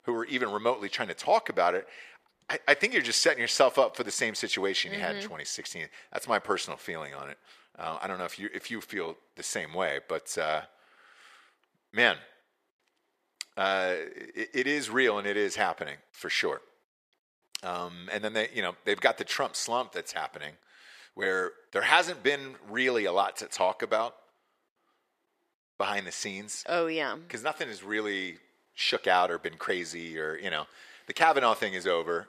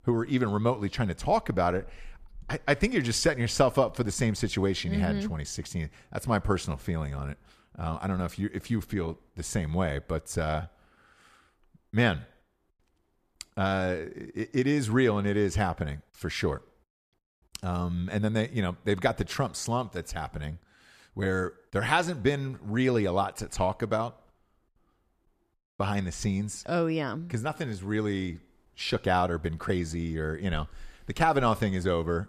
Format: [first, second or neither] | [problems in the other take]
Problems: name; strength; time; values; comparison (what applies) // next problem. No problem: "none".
second | thin; very; fading below 500 Hz